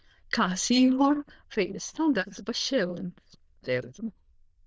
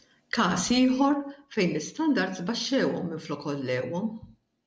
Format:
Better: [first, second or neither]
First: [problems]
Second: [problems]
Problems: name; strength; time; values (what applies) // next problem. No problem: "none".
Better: second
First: noise reduction (neural diffusion model UNIVERSE++)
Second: none